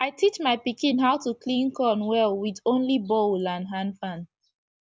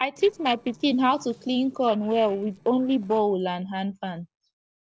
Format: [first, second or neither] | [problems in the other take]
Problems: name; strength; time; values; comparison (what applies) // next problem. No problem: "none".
first | noise reduction (neural separator model SepFormer DNS4)